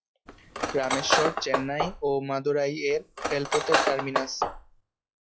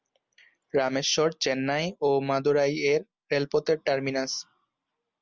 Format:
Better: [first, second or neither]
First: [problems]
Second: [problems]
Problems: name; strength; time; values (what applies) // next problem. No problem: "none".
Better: second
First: noise reduction (classical method log-MMSE)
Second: none